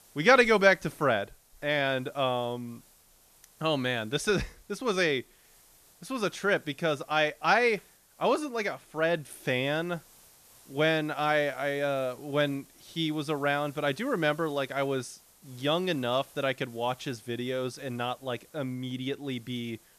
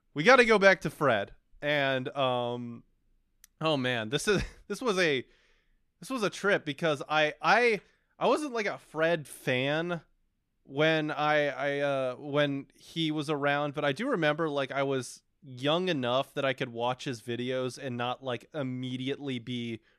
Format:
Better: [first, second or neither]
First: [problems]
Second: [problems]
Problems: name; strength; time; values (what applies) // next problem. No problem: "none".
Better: second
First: hiss; faint; throughout; 25 dB below the speech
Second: none